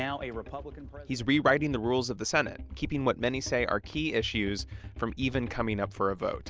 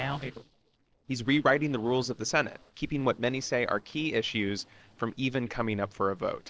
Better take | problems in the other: first | noise reduction (neural separator model SepFormer DNS4)

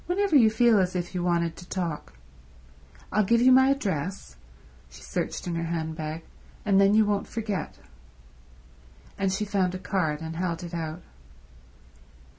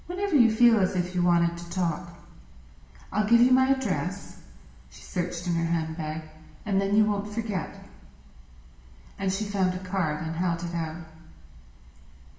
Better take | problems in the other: first | room echo; dies away in 1.1 s

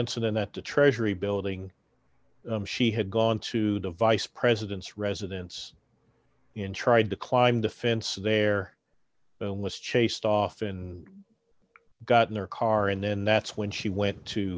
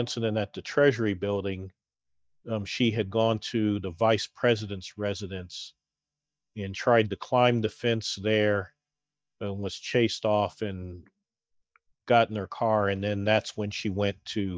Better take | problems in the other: first | noise reduction (neural mask model DeepFilterNet 3)

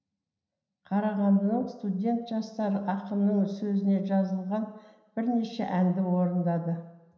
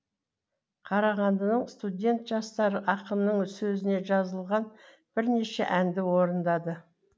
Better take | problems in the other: second | room echo; dies away in 0.9 s

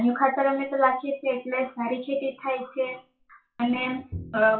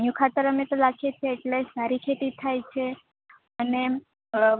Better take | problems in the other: second | noise reduction (classical method WPE with log-MMSE)

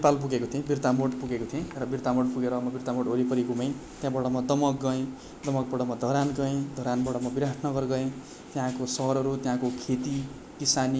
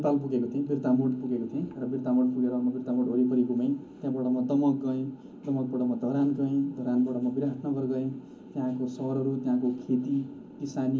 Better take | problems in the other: first | room echo; dies away in 0.4 s

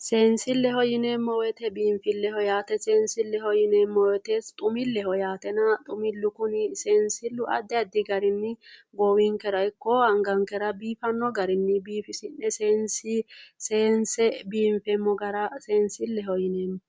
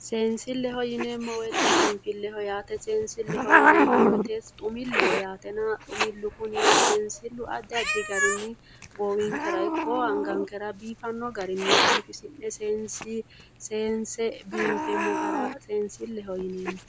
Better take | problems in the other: first | background sound (Hiss); 3 dB above the speech

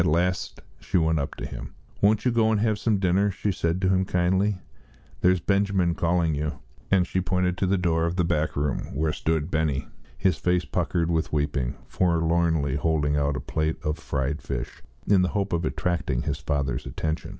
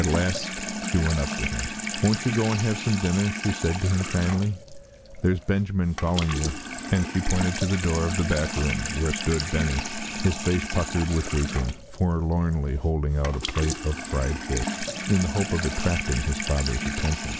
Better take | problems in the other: first | background sound (Sink (filling or washing) / Water tap, faucet); 7 dB below the speech

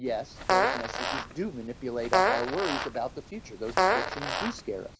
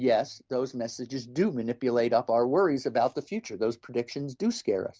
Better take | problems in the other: second | background sound (Fart); 5 dB above the speech

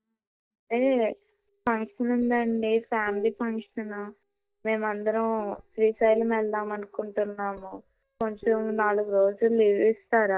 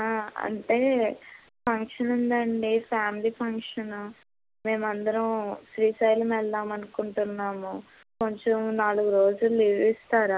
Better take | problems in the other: second | noise reduction (neural mask model DeepFilterNet 3)

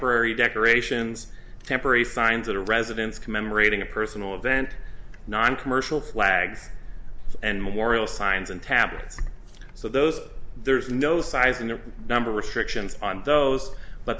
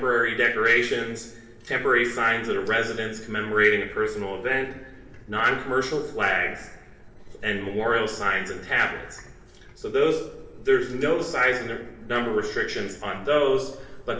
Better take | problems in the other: first | noise reduction (neural separator model SepFormer DNS4)

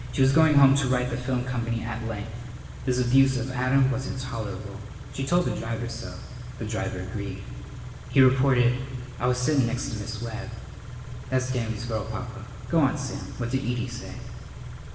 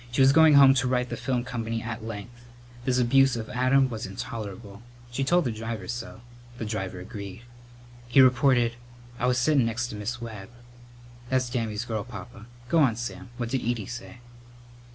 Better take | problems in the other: second | background sound (Idling / Car); 12 dB below the speech // room echo; dies away in 1.4 s

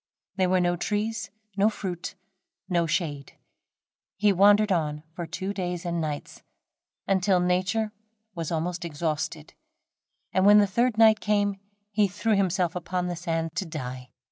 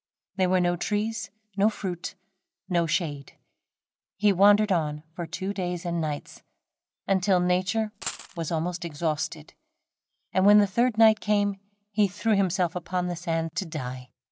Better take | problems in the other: first | background sound (Coin (dropping)); 12 dB below the speech

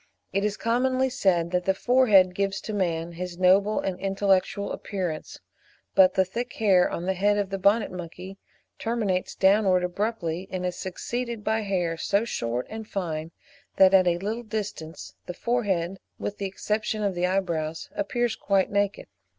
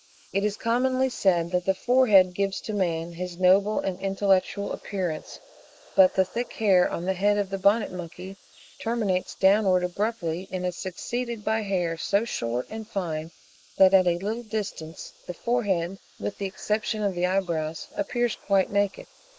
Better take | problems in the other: first | noise reduction (neural mask model Resemble Enhance denoiser)

